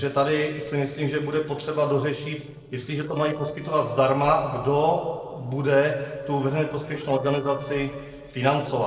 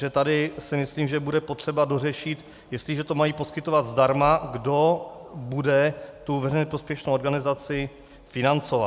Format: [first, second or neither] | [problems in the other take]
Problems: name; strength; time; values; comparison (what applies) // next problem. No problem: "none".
second | noise reduction (neural separator model SepFormer DNS4)